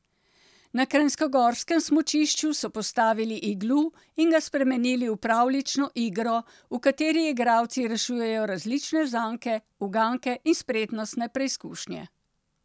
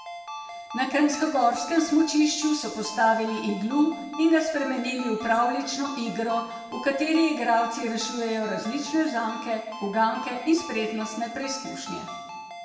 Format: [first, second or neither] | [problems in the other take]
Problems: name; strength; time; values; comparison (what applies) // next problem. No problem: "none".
first | background sound (Ringtone); 13 dB below the speech // room echo; dies away in 1.3 s